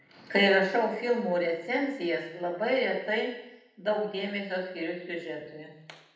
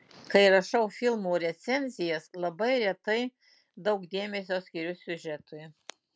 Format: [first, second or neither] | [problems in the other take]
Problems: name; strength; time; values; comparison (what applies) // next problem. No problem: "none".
second | room echo; dies away in 0.8 s